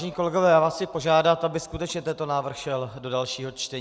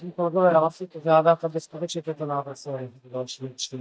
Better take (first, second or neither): first